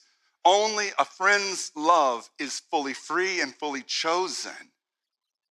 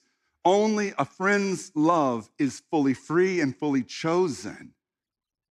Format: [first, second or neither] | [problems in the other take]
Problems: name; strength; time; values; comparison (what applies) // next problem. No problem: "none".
second | thin; very; fading below 700 Hz